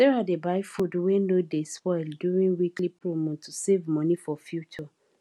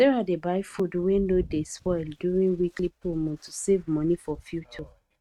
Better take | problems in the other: first | noise reduction (neural mask model RNNoise)

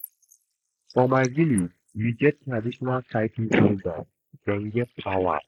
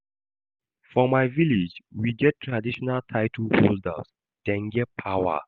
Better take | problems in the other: second | noise reduction (neural mask model Resemble Enhance denoiser)

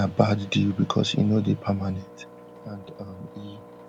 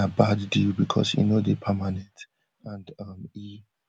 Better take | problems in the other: second | background sound (Engine); 19 dB below the speech

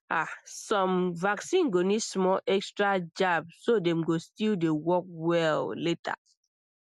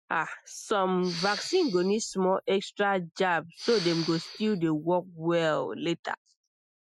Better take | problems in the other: first | noise reduction (classical method Wiener filter)

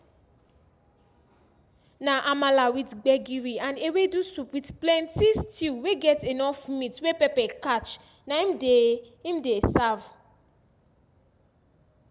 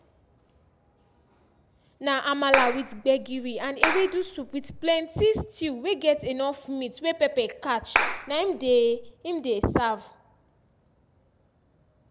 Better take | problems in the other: first | background sound (Clapping); 2 dB below the speech

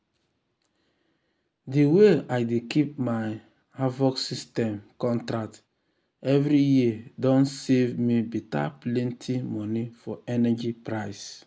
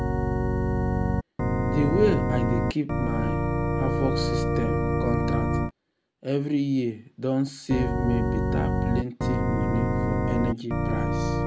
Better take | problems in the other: first | background sound (Organ); 4 dB above the speech

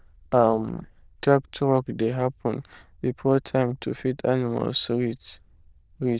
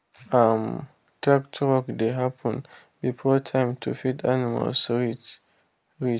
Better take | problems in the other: second | noise reduction (neural diffusion model UNIVERSE++)

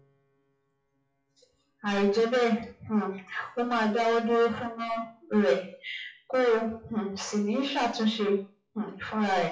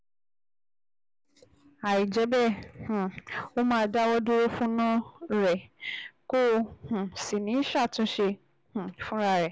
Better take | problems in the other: second | noise reduction (classical method WPE with log-MMSE)

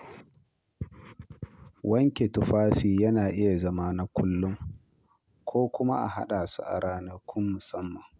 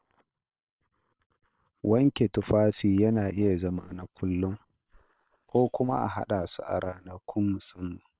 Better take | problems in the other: first | noise reduction (neural separator model SepFormer WHAM!)

